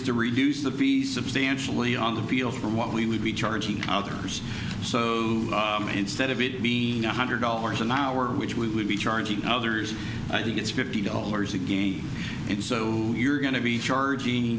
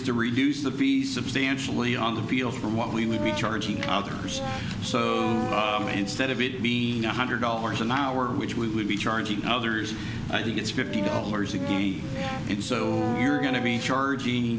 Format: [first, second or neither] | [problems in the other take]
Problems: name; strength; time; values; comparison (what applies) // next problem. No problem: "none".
first | background sound (Brass instrument); 9 dB below the speech